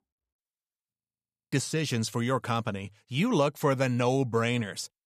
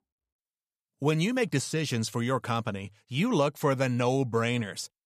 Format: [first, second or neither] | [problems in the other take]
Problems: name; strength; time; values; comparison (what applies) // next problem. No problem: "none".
second | audio freezing; at 1 s for 0.5 s